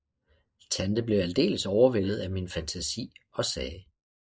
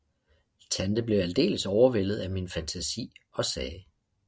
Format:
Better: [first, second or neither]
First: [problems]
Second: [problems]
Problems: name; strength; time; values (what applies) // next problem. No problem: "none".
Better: second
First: noise reduction (neural mask model Resemble Enhance denoiser)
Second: none